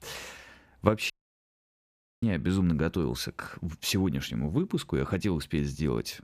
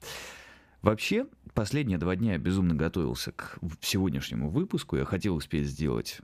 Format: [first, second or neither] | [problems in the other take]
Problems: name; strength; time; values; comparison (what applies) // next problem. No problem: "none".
second | audio cutting out; at 1 s for 1 s